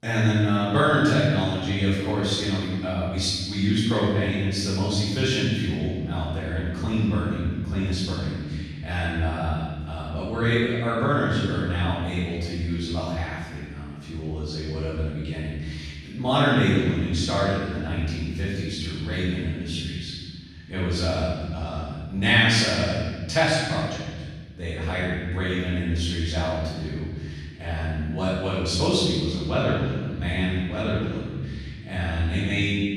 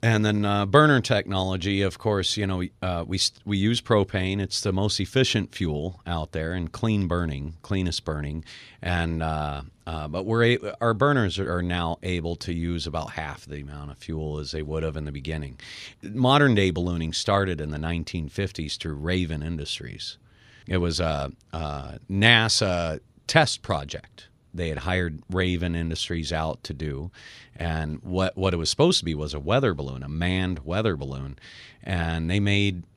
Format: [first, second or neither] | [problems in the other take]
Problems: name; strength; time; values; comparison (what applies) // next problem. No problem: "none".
second | off-mic speech; far // room echo; strong; dies away in 1.5 s